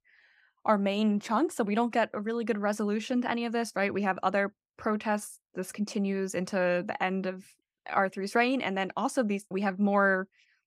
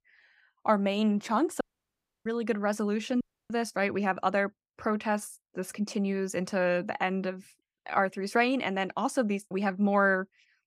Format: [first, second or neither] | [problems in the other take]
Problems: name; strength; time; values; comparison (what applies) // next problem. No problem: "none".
first | audio cutting out; at 1.5 s for 0.5 s and at 3 s